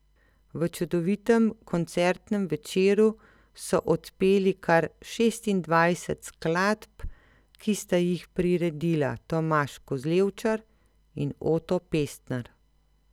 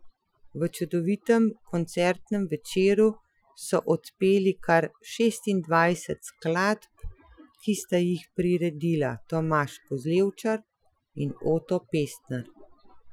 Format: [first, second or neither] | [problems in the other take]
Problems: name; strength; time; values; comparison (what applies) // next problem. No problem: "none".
first | noise reduction (classical method Wiener filter)